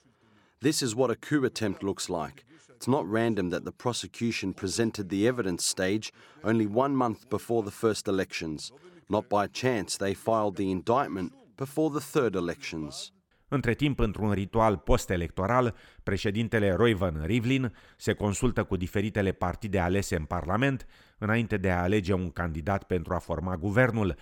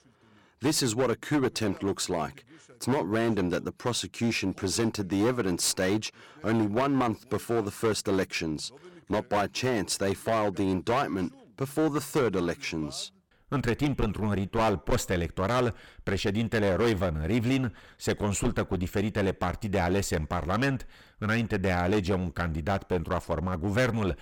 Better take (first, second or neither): first